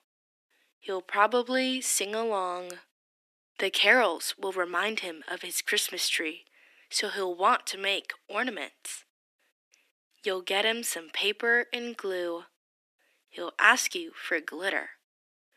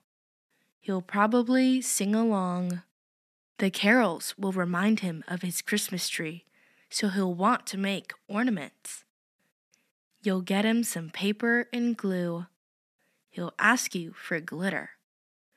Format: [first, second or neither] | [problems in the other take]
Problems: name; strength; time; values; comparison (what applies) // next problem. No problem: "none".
second | thin; very; fading below 300 Hz